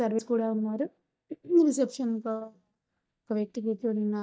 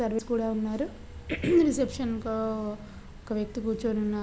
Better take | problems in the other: second | noise reduction (neural mask model DeepFilterNet 3)

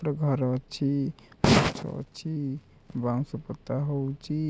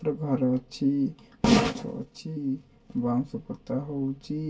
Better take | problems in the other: first | room echo; dies away in 0.1 s

